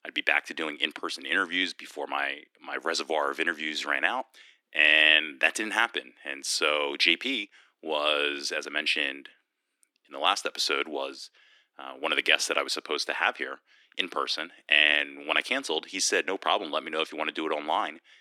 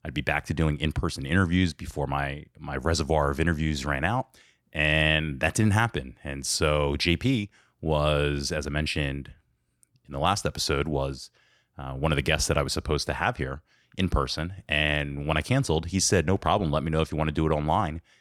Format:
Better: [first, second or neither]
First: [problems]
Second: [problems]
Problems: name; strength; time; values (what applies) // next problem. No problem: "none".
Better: second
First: thin; very; fading below 300 Hz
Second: none